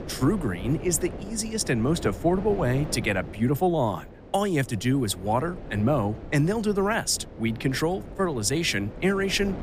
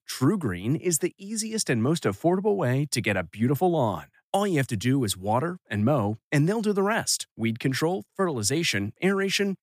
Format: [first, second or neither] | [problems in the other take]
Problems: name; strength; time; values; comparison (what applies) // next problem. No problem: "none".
second | wind noise on the microphone; occasional gusts; 15 dB below the speech